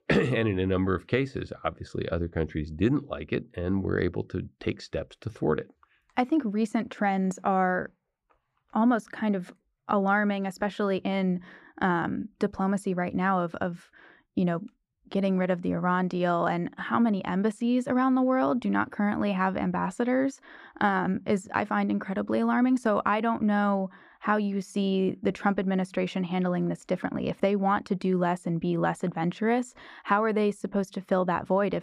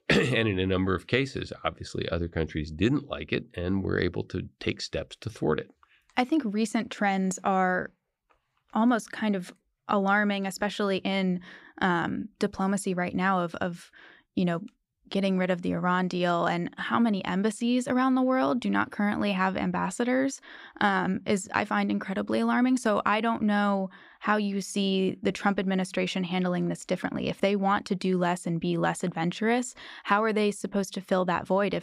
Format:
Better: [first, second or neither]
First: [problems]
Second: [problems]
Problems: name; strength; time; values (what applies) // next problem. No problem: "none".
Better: second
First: muffled; slightly; fading above 2 kHz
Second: none